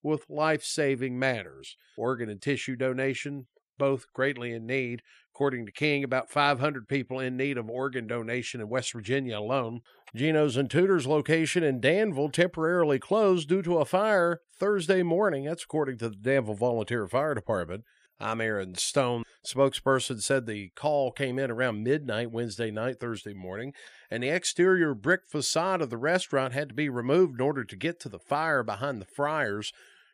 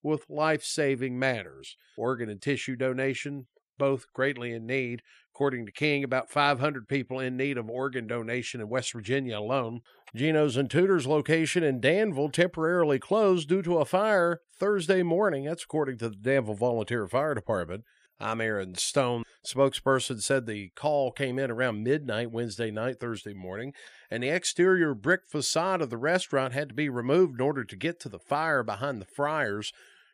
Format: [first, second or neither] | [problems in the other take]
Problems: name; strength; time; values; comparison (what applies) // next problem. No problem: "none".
neither | none